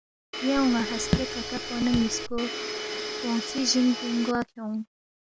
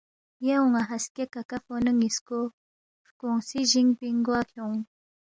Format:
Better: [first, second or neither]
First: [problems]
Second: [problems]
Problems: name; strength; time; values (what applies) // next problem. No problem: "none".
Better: second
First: background sound (Raindrop / Drip + Domestic sounds, home sounds); 4 dB below the speech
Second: none